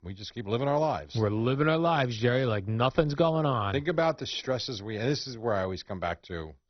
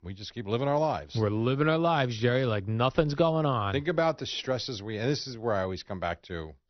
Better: second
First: garbled, watery; badly; nothing above 6 kHz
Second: garbled, watery; slightly; nothing above 6 kHz

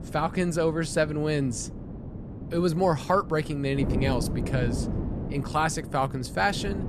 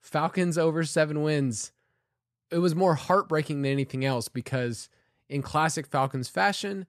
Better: second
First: wind noise on the microphone; occasional gusts; 15 dB below the speech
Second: none

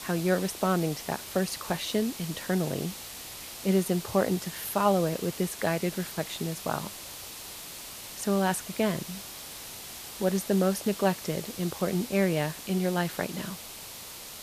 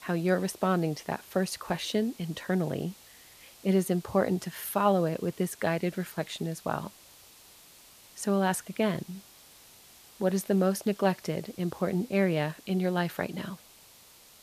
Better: second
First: hiss; loud; throughout; 10 dB below the speech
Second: hiss; faint; throughout; 20 dB below the speech

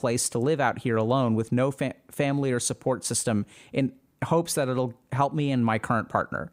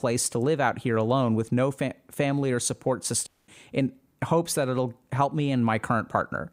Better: first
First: none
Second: audio cutting out; at 3.5 s

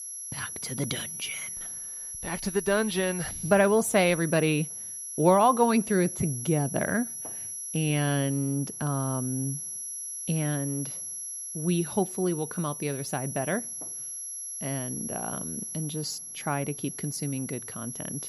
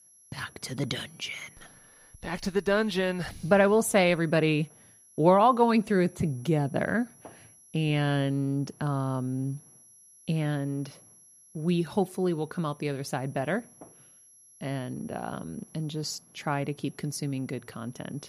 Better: second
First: high-pitched whine; loud; throughout; 11 kHz, 6 dB below the speech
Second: high-pitched whine; faint; throughout; 11 kHz, 25 dB below the speech

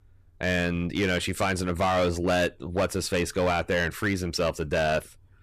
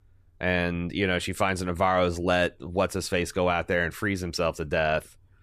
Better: second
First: distortion; slight; 8% of the sound clipped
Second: none

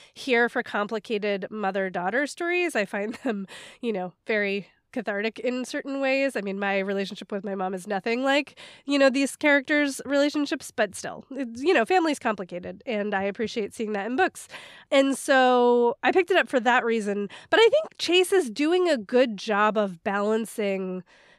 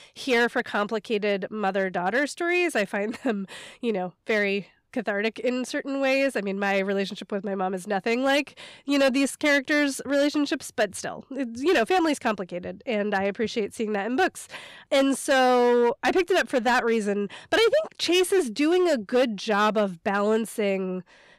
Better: first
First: none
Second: distortion; slight; 5% of the sound clipped

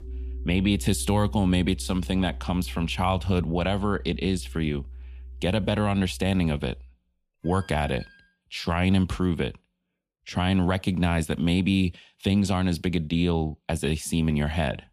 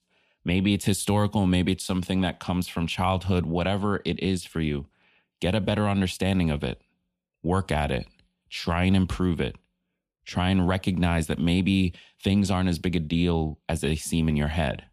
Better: second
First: background music; noticeable; until 8 s; 15 dB below the speech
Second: none

